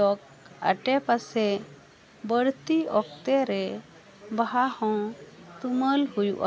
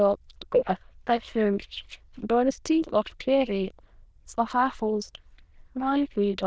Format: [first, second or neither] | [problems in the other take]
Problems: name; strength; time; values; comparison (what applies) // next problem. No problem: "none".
first | noise reduction (neural diffusion model UNIVERSE++)